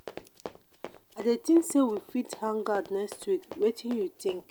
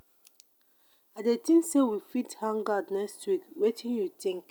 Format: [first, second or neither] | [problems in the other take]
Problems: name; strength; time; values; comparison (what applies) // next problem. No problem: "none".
second | background sound (Run); 17 dB below the speech